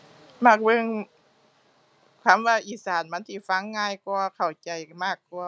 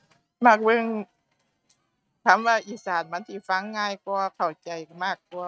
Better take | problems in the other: first | noise reduction (neural mask model RNNoise)

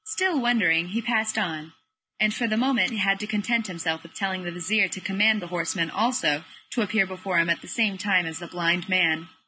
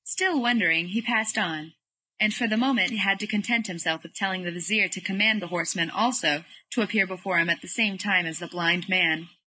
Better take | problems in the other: first | noise reduction (neural mask model Resemble Enhance denoiser)

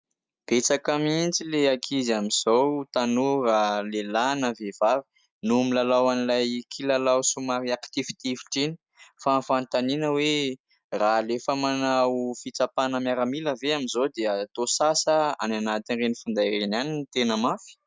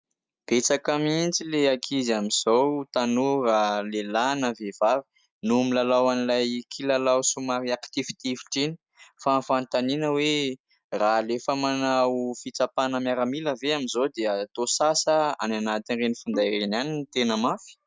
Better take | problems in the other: first | background sound (Bowed string instrument); 18 dB below the speech

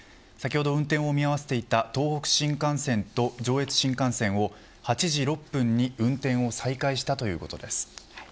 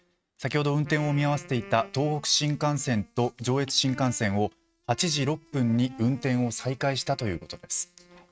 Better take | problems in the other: first | noise reduction (neural mask model RNNoise)

